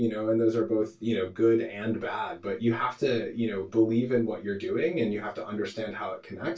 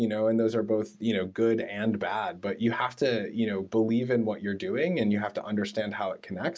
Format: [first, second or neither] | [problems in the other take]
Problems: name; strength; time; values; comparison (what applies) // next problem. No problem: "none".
second | room echo; dies away in 0.1 s